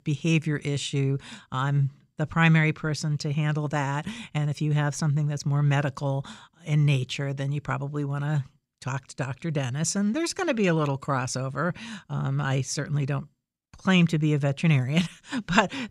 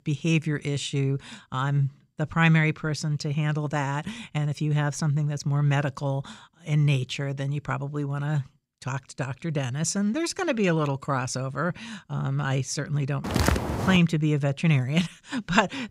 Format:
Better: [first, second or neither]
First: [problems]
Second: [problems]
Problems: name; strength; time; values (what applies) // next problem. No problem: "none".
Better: first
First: none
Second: footsteps; loud; at 13 s; peak 2 dB above the speech